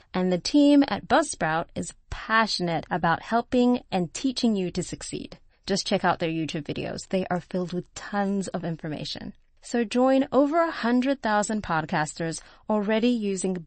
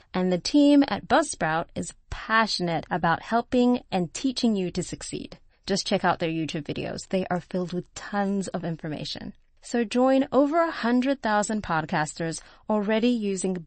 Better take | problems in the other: neither | garbled, watery; slightly; nothing above 8 kHz; the same in both

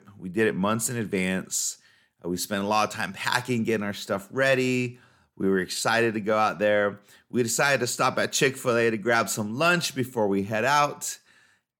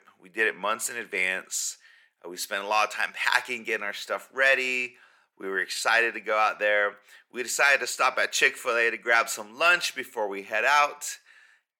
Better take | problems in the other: first | thin; very; fading below 600 Hz

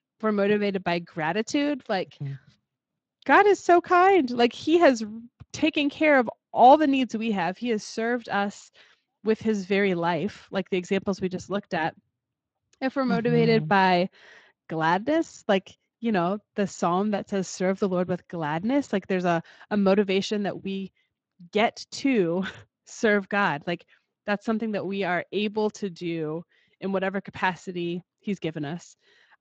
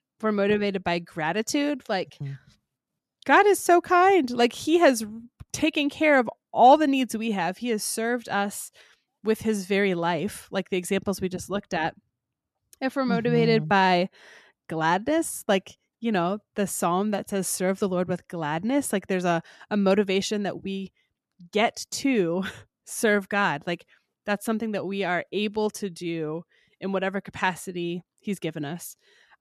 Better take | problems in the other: second | garbled, watery; slightly; nothing above 7.5 kHz

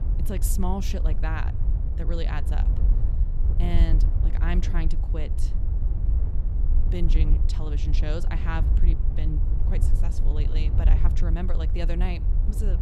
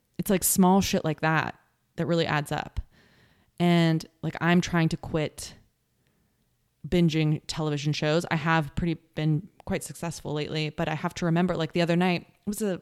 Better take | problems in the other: second | wind noise on the microphone; heavy; 6 dB below the speech

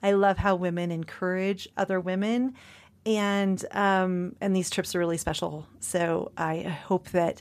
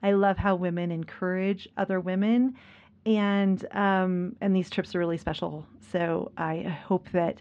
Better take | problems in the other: first | muffled; slightly; fading above 3.5 kHz

